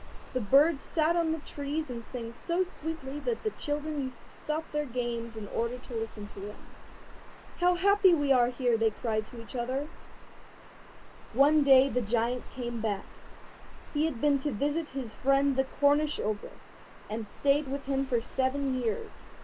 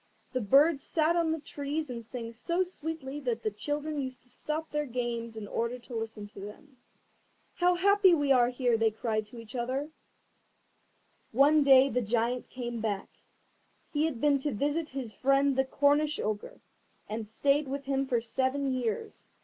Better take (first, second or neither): second